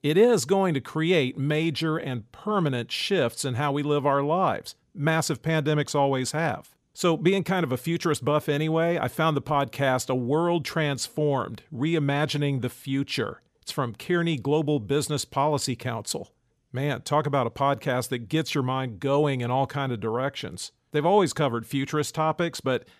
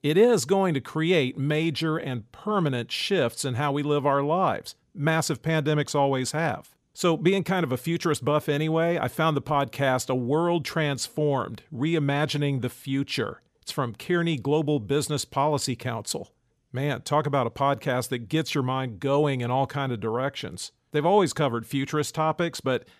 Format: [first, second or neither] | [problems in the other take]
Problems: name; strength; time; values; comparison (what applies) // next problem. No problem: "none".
neither | none